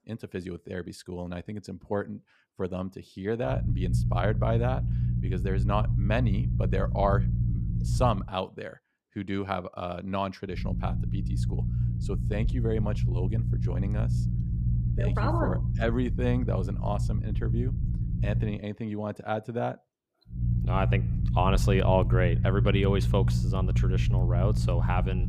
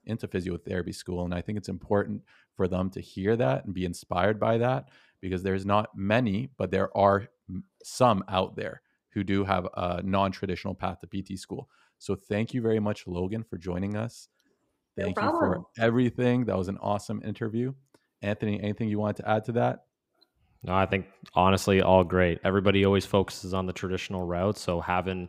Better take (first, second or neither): second